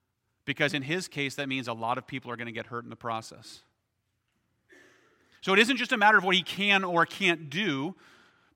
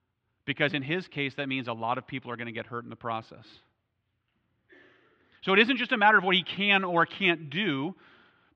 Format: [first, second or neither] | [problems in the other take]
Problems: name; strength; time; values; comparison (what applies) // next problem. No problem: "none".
first | muffled; slightly; fading above 3.5 kHz